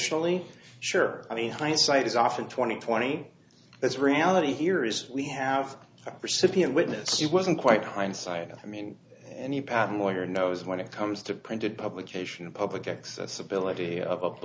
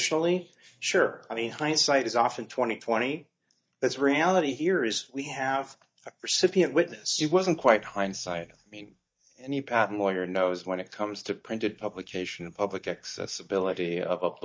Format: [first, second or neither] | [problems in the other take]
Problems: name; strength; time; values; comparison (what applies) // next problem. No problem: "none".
first | noise reduction (neural mask model DeepFilterNet 3)